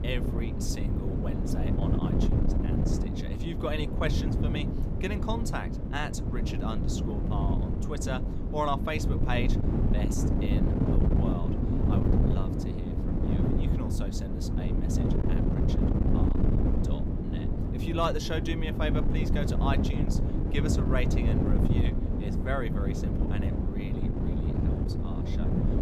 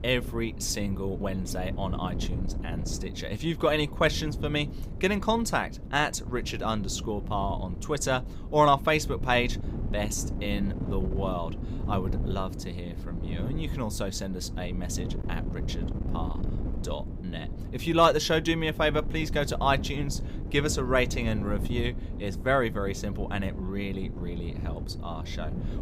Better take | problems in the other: second | wind noise on the microphone; heavy; 1 dB below the speech; occasional gusts in the second

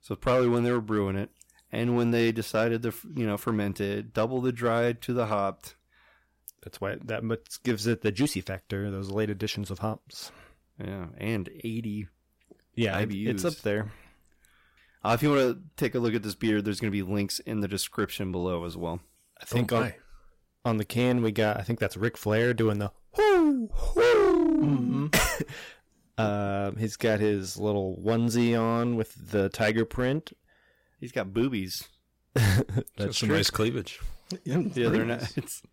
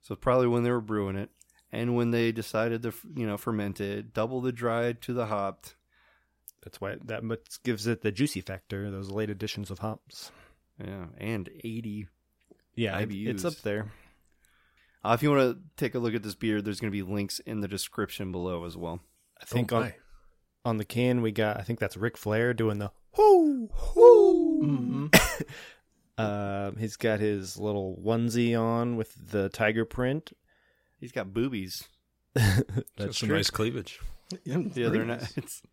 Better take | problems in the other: second | distortion; heavy; 4% of the sound clipped

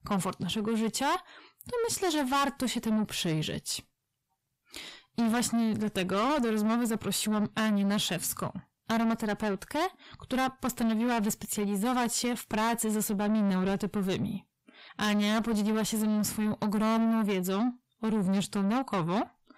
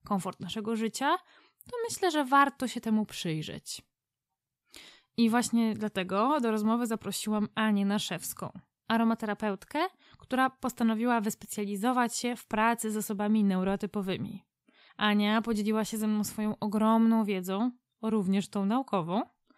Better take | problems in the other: second | distortion; heavy; 7 dB below the speech

